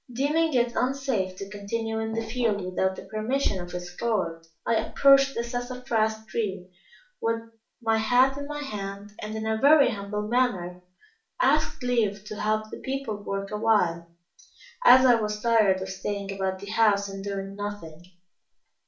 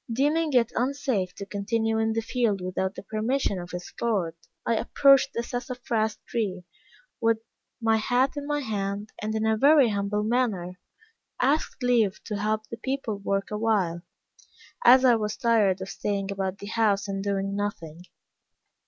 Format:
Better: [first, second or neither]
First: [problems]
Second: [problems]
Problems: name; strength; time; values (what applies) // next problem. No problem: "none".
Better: second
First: background sound (Glass); 15 dB below the speech // room echo; dies away in 0.3 s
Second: none